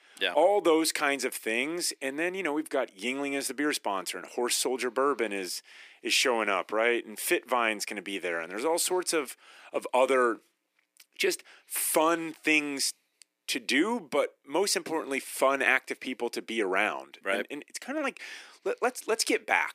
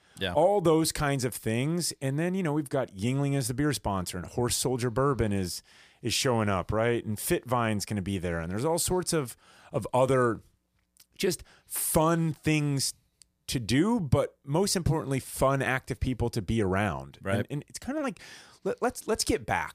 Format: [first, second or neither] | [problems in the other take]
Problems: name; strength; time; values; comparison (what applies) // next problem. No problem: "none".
second | thin; somewhat; fading below 300 Hz